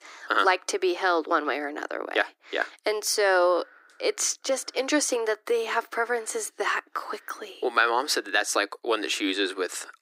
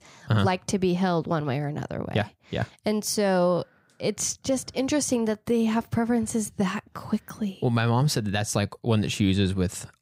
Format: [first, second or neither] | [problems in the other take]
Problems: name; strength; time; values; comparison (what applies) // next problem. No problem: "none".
second | thin; very; fading below 300 Hz